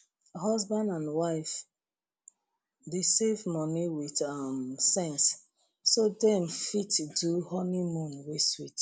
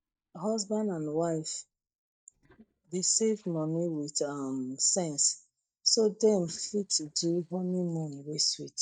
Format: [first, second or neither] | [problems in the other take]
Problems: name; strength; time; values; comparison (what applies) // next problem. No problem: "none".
first | noise reduction (neural mask model DeepFilterNet 3)